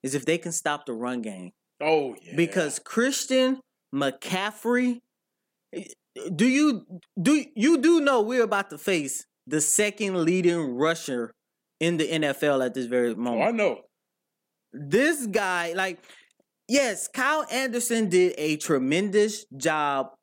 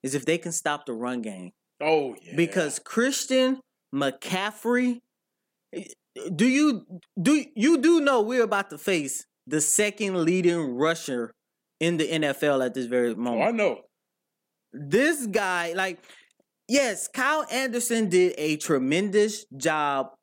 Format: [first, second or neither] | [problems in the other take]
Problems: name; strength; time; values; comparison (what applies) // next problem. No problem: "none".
neither | none